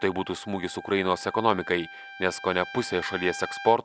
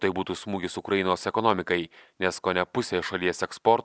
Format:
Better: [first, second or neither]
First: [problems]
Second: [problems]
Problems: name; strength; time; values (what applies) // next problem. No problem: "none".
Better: second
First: background sound (Trumpet); 15 dB below the speech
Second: none